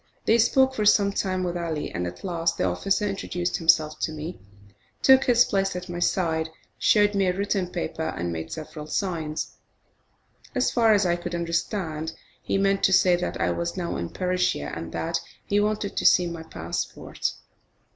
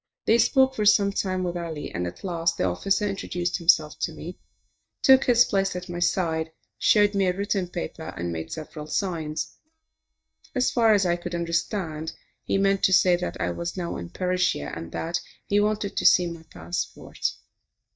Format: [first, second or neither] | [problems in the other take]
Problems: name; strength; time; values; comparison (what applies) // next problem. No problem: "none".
first | noise reduction (neural mask model DeepFilterNet 3)